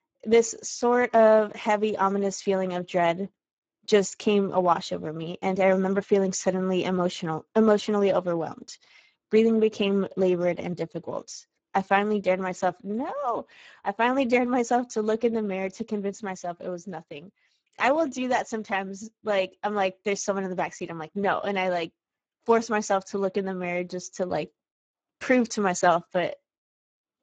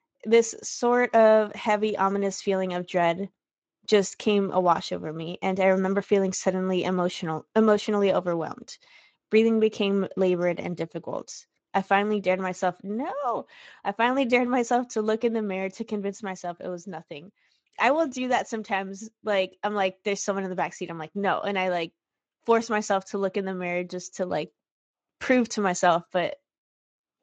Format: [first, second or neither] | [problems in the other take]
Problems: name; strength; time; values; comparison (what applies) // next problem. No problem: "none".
second | garbled, watery; badly; nothing above 7.5 kHz; slightly in the second